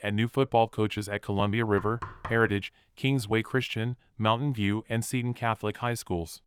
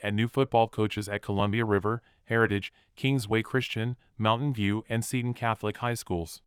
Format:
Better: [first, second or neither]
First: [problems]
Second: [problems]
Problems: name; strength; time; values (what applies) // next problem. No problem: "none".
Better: second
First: door banging; faint; at 2 s; peak 10 dB below the speech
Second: none